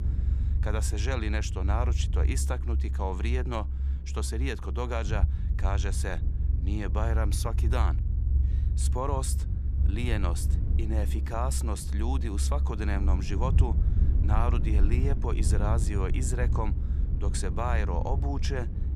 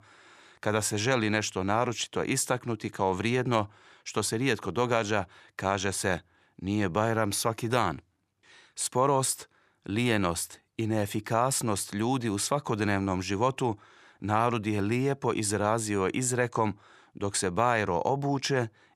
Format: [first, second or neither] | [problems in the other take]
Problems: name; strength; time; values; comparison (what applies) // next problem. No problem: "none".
second | low rumble; loud; throughout; 10 dB below the speech